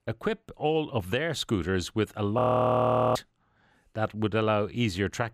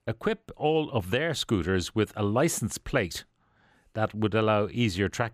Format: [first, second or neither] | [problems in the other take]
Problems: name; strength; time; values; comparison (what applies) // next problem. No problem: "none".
second | audio freezing; at 2.5 s for 1 s